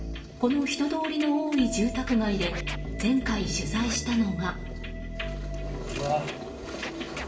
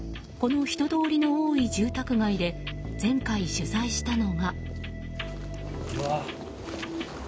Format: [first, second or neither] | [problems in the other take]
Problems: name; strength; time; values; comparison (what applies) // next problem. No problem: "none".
second | background sound (Scratching (performance technique)); 17 dB below the speech // room echo; dies away in 0.7 s